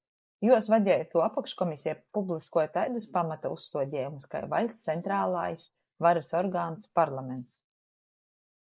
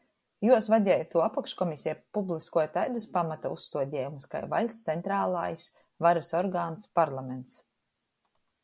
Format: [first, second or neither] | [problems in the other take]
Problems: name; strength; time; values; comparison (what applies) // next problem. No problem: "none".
second | noise reduction (neural mask model Resemble Enhance denoiser)